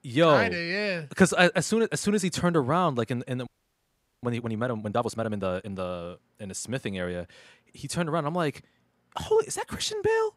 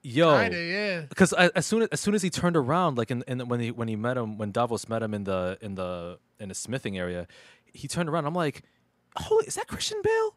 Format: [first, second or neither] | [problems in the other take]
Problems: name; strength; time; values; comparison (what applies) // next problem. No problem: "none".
second | audio freezing; at 3.5 s for 1 s